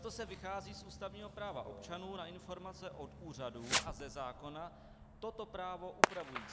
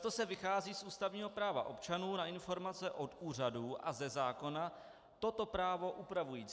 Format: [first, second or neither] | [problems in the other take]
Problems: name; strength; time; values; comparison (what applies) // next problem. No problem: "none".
second | background sound (Fireworks); 3 dB above the speech